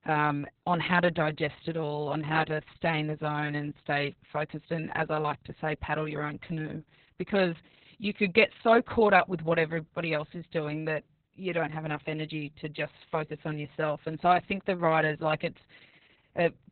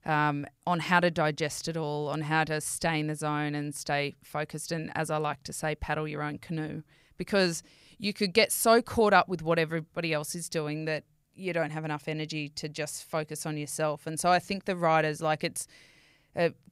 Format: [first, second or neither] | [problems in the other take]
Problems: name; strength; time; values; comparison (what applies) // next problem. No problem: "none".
second | garbled, watery; badly; nothing above 4 kHz